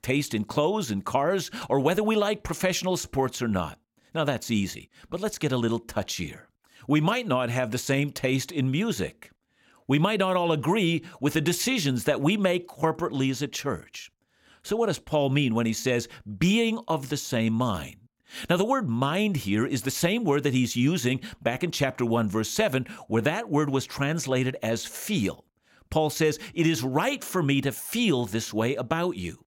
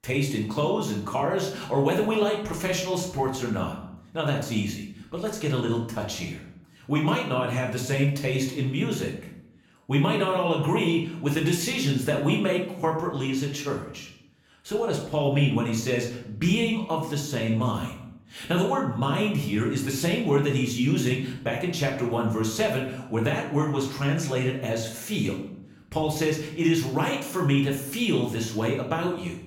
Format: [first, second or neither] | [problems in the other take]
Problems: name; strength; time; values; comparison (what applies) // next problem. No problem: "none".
first | room echo; slight; dies away in 0.6 s // off-mic speech; far